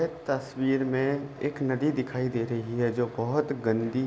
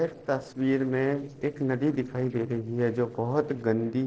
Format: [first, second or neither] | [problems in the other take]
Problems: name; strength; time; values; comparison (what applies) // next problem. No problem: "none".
first | noise reduction (neural separator model SepFormer DNS4)